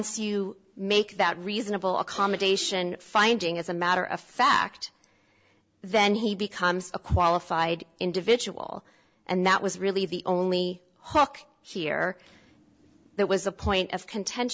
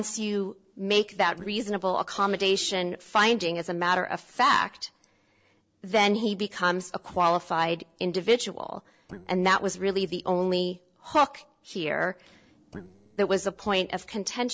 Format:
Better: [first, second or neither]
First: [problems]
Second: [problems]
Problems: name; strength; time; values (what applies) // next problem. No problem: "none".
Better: first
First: none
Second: noise reduction (neural separator model SepFormer DNS4)